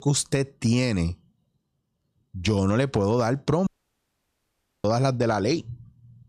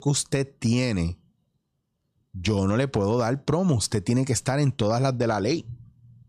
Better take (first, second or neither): second